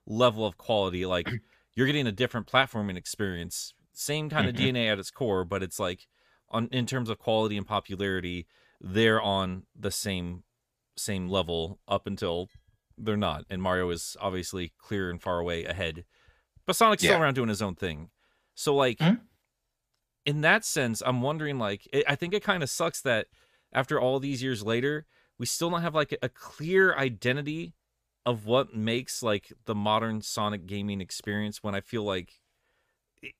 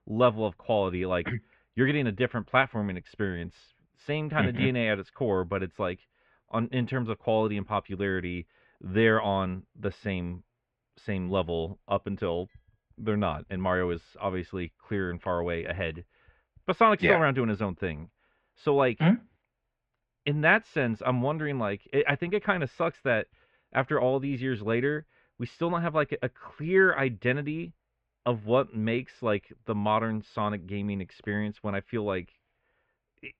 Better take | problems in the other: first | muffled; very; fading above 2.5 kHz

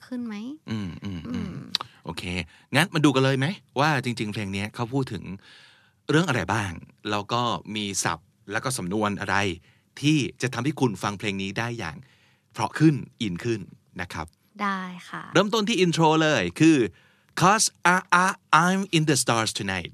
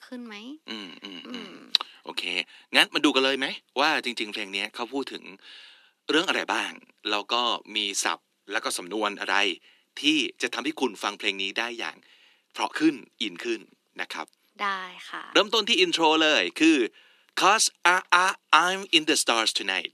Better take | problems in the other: first | thin; somewhat; fading below 250 Hz

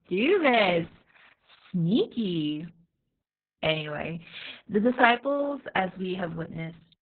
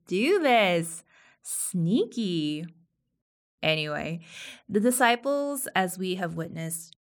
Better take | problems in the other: second | garbled, watery; badly; nothing above 3.5 kHz

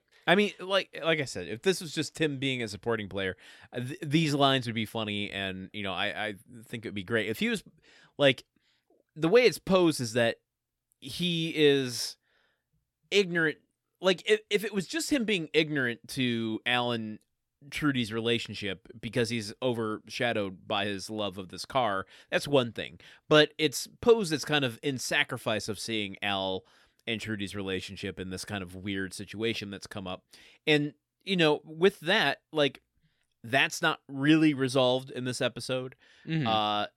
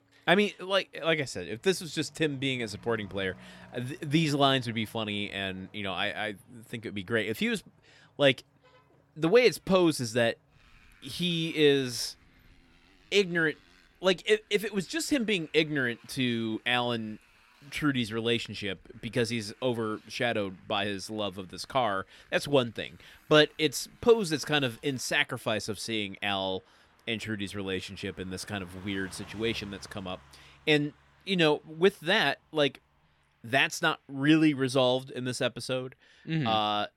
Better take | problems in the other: first | traffic noise; faint; throughout; 30 dB below the speech

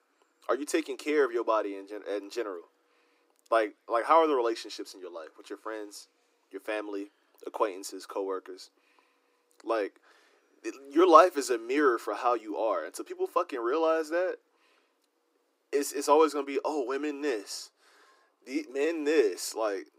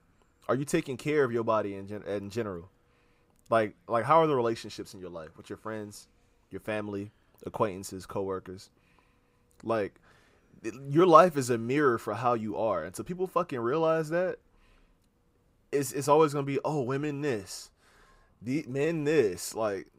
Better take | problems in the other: second | thin; very slightly; fading below 300 Hz

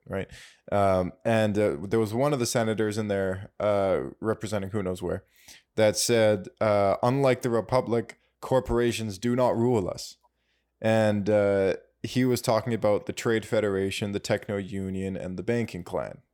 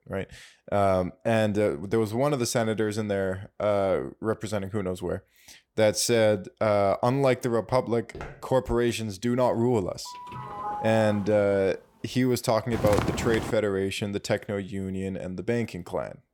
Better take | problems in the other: first | footsteps; faint; at 8 s; peak 15 dB below the speech // doorbell; noticeable; from 10 to 12 s; peak 7 dB below the speech // footsteps; noticeable; at 13 s; peak 2 dB below the speech

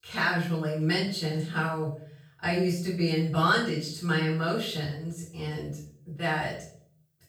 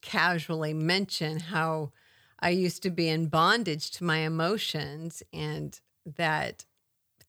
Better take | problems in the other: second | room echo; noticeable; dies away in 0.5 s // off-mic speech; far

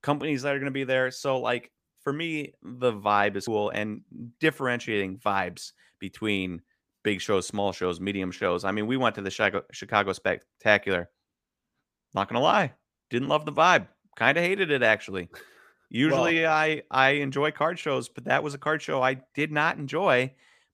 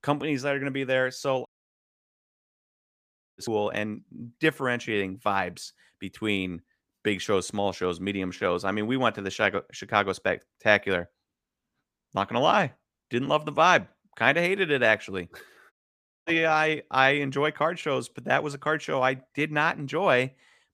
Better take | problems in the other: first | audio cutting out; at 1.5 s for 2 s and at 16 s for 0.5 s

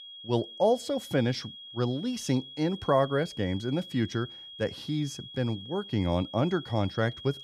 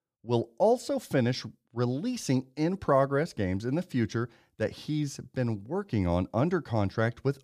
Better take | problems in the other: second | high-pitched whine; noticeable; throughout; 3.5 kHz, 15 dB below the speech

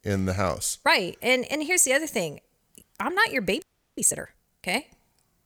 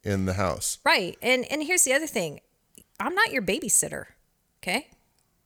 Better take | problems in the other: second | audio freezing; at 3.5 s

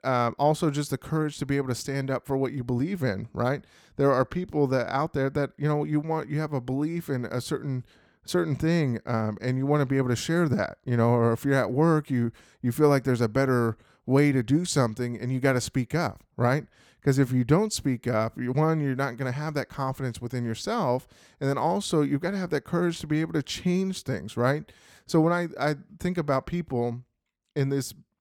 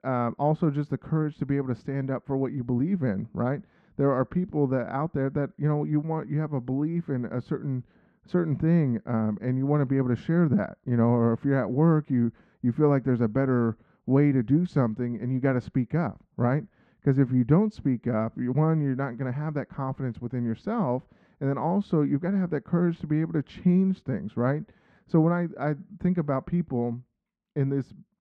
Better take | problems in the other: first | muffled; very; fading above 1.5 kHz

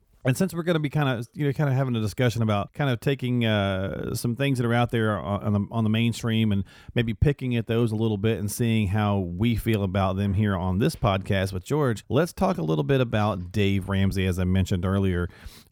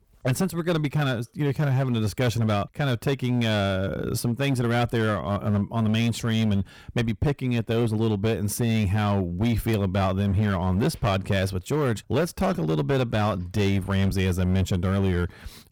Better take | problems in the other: first | distortion; slight; 12% of the sound clipped

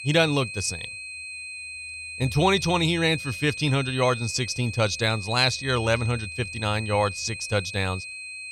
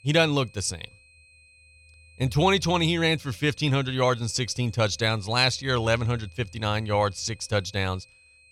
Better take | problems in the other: second | high-pitched whine; loud; throughout; 2.5 kHz, 10 dB below the speech; faint in the second

